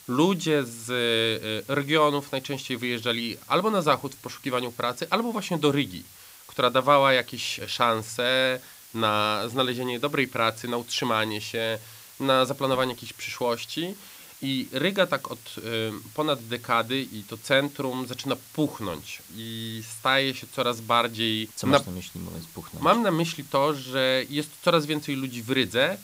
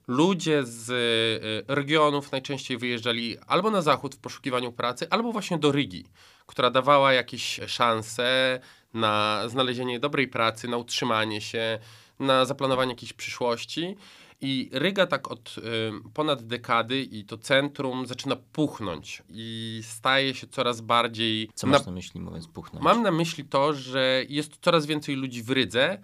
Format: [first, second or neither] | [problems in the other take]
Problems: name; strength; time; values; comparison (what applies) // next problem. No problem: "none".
second | hiss; faint; throughout; 20 dB below the speech